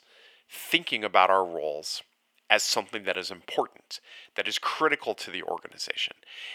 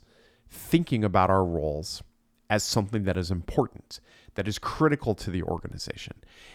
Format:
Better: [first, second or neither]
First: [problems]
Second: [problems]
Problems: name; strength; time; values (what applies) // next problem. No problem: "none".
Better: second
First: thin; very; fading below 600 Hz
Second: none